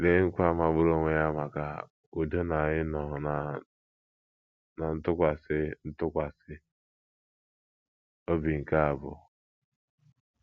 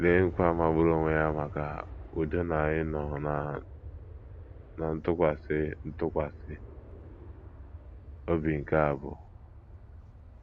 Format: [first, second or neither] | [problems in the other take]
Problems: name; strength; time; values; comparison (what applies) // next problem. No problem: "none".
first | background sound (Aircraft); 14 dB below the speech